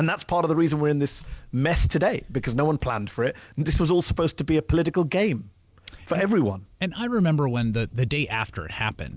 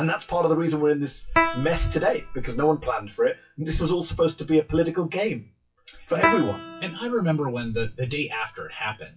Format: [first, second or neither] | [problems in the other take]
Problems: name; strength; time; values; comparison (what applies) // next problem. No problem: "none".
first | noise reduction (classical method WPE with log-MMSE)